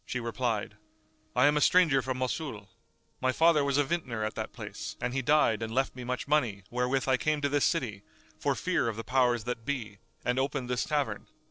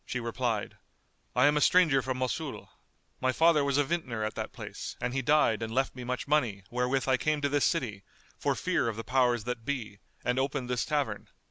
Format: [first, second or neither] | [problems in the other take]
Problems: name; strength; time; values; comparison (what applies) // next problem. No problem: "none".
second | noise reduction (neural separator model SepFormer DNS4)